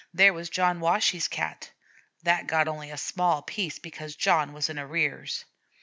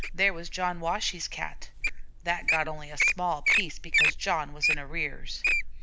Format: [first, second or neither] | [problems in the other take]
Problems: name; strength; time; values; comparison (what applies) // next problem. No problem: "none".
first | background sound (Wild animals); 3 dB above the speech